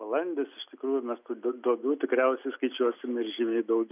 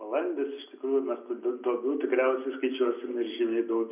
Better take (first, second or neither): first